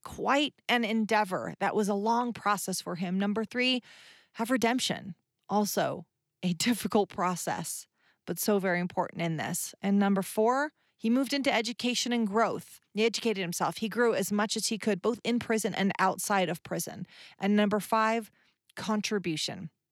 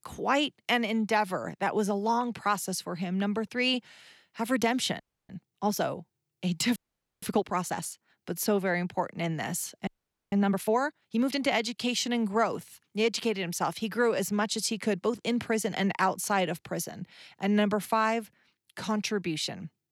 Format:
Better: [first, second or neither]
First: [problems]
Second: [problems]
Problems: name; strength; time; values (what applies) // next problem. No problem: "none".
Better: first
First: none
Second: audio freezing; at 5 s, at 7 s and at 10 s